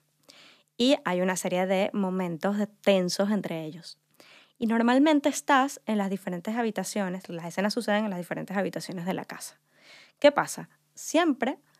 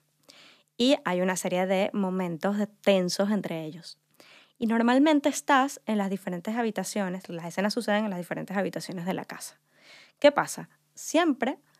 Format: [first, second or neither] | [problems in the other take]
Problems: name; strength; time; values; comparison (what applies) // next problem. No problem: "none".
neither | none